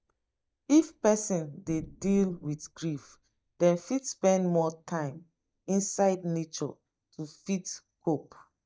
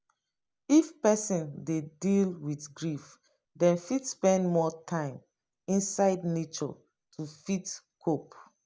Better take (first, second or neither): second